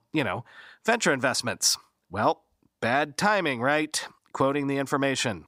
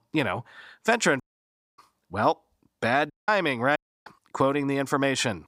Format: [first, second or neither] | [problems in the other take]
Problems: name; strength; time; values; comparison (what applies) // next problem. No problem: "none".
first | audio cutting out; at 1 s for 0.5 s, at 3 s and at 4 s